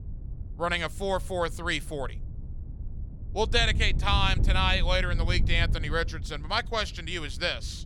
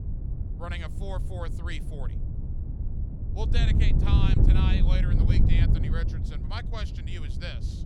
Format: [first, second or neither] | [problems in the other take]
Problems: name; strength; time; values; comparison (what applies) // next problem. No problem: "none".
first | wind noise on the microphone; heavy; 3 dB below the speech; occasional gusts in the first